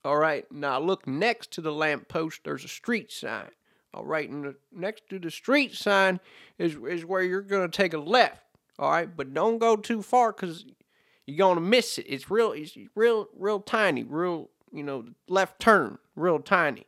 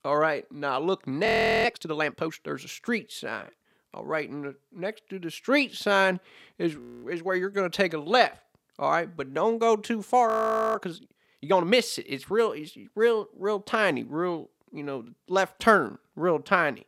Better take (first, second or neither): first